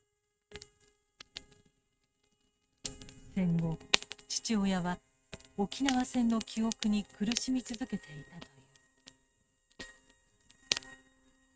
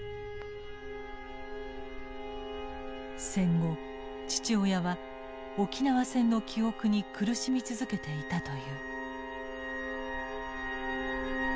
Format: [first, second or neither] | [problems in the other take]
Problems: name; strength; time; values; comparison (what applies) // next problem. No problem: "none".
second | noise reduction (neural mask model RNNoise)